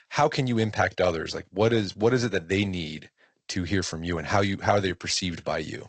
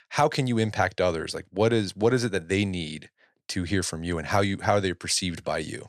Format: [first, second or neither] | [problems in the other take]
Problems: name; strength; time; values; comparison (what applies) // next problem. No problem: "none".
second | garbled, watery; slightly; nothing above 8 kHz